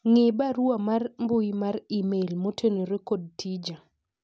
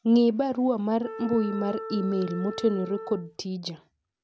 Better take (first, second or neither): first